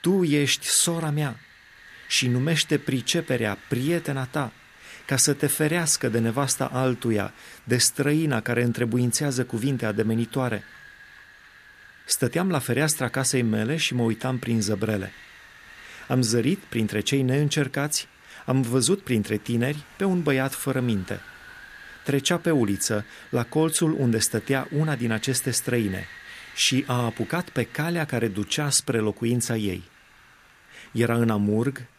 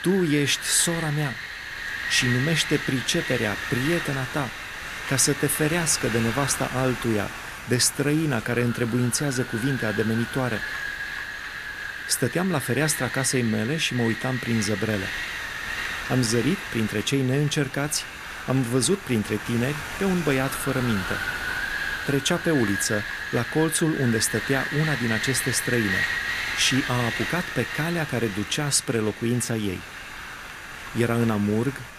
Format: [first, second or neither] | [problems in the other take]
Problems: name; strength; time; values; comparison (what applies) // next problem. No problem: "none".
first | wind noise on the microphone; heavy; 2 dB below the speech; occasional gusts in the first